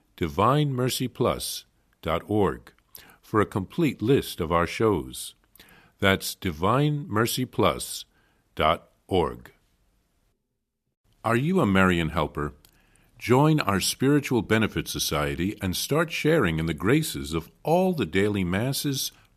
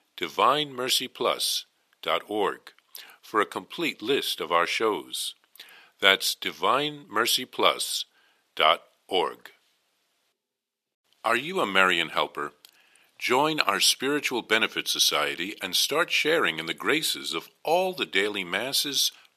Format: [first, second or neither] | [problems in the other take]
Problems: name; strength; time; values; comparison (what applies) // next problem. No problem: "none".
first | thin; somewhat; fading below 450 Hz